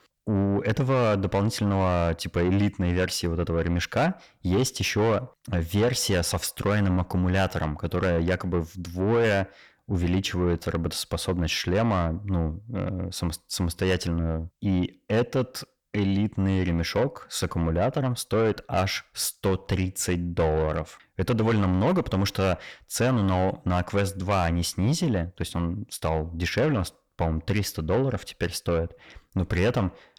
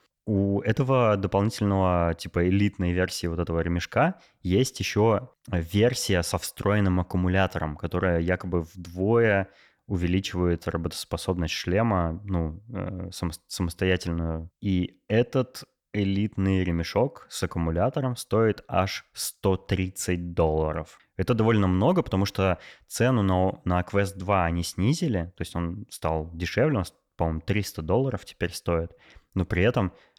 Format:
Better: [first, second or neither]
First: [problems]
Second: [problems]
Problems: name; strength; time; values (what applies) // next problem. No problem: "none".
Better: second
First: distortion; slight; 10 dB below the speech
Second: none